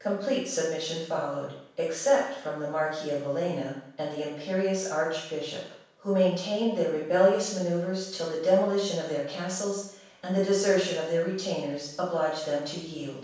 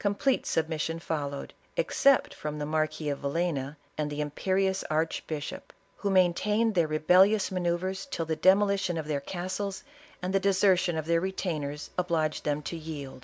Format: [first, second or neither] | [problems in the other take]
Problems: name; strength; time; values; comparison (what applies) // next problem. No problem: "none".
second | room echo; dies away in 0.7 s